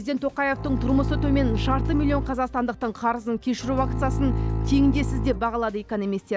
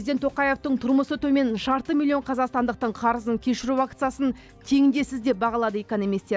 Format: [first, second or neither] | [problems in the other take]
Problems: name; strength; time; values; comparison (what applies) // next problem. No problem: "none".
second | background sound (Bowed string instrument); 2 dB below the speech